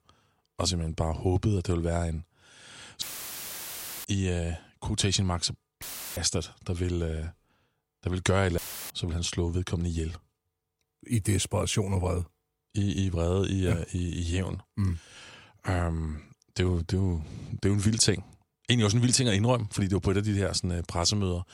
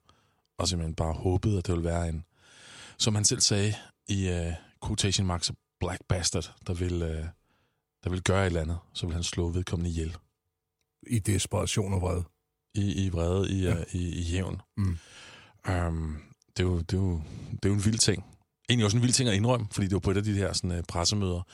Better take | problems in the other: second | audio cutting out; filled with static; at 3 s for 1 s, at 6 s and at 8.5 s

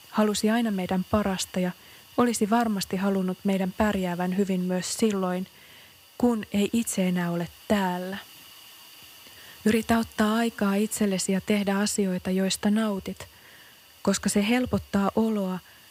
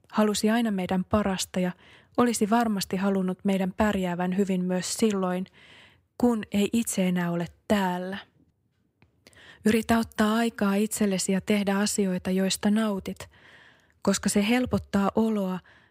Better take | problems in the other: second | hiss; faint; throughout; 25 dB below the speech

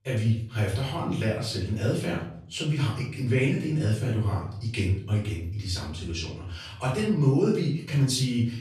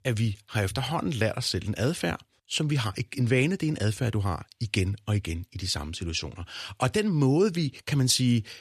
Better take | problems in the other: second | off-mic speech; far // room echo; noticeable; dies away in 0.6 s

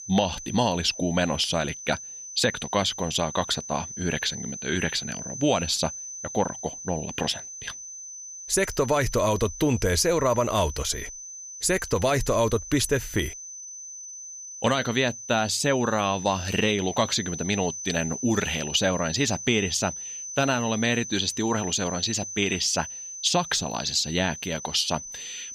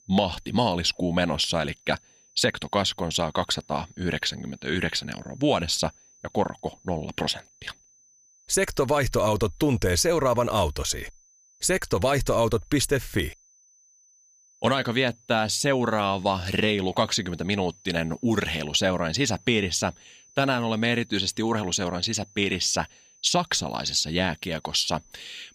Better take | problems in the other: second | high-pitched whine; loud; throughout; 6 kHz, 10 dB below the speech; faint in the second

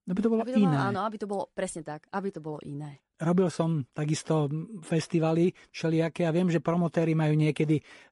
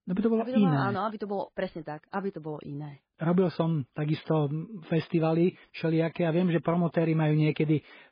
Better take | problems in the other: first | garbled, watery; badly; nothing above 5 kHz; slightly in the first

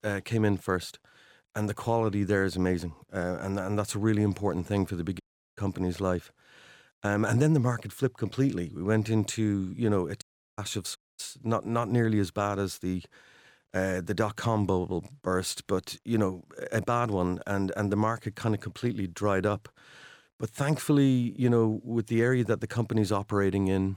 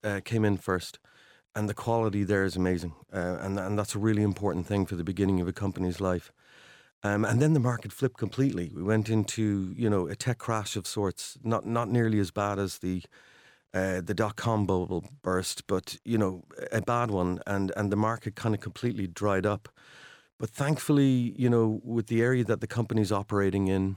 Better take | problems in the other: second | audio cutting out; at 5 s, at 10 s and at 11 s

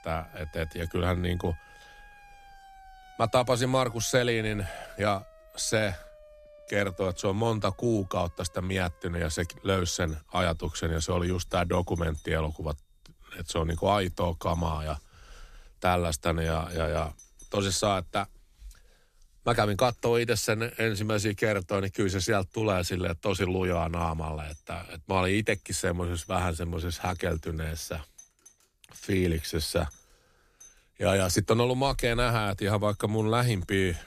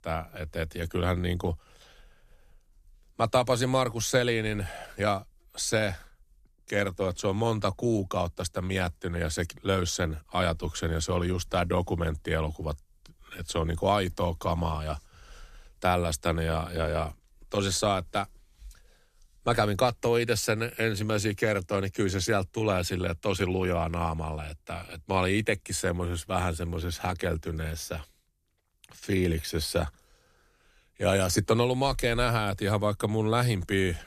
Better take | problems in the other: second | alarms or sirens; faint; throughout; 25 dB below the speech

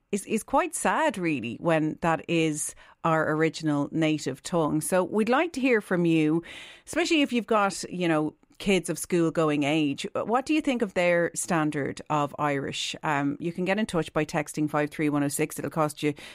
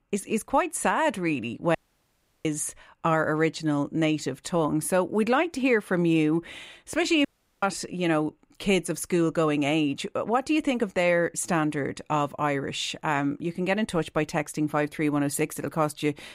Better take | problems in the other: first | audio cutting out; at 2 s for 0.5 s and at 7.5 s

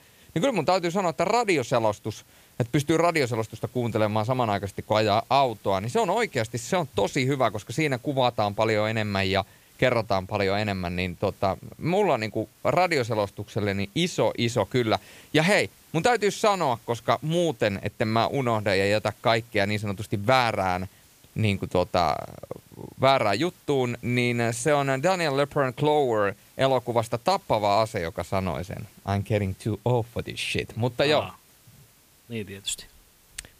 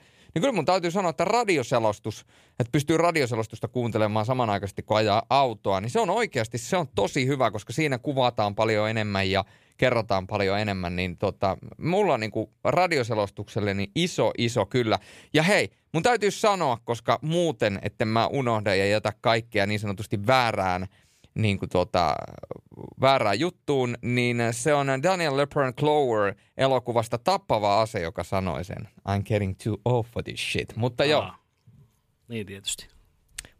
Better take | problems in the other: second | hiss; faint; throughout; 30 dB below the speech

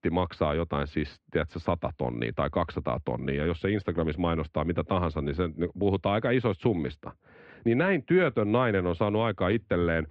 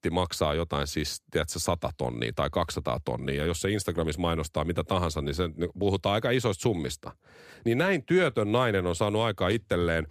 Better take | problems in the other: second | muffled; very; fading above 3 kHz

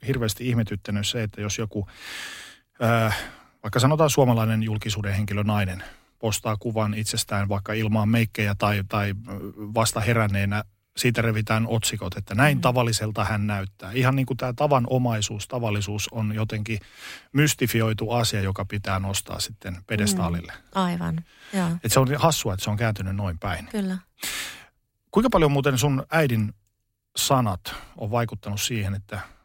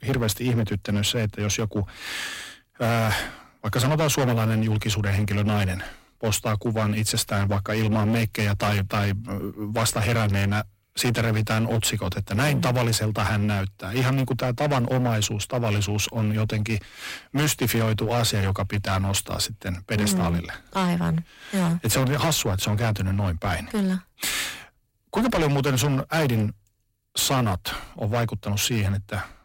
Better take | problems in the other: first | distortion; heavy; 19% of the sound clipped

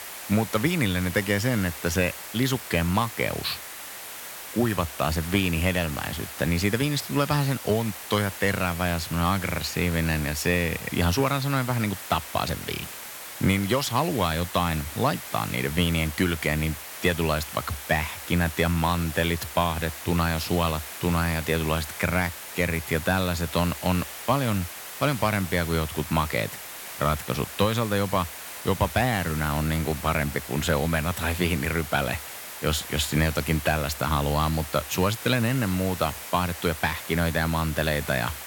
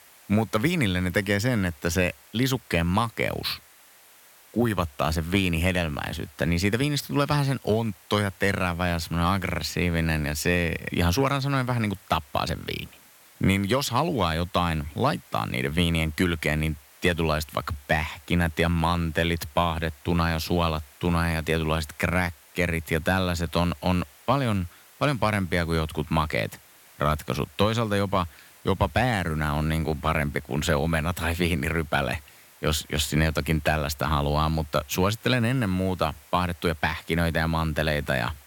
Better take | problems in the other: second | hiss; loud; throughout; 10 dB below the speech; faint in the second

